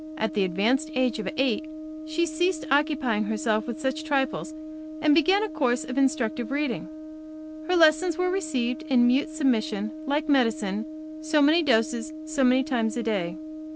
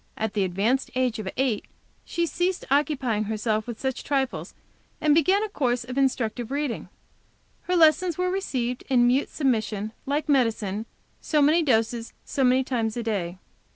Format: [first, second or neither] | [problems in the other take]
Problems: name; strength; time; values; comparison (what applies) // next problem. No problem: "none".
second | background sound (Brass instrument); 11 dB below the speech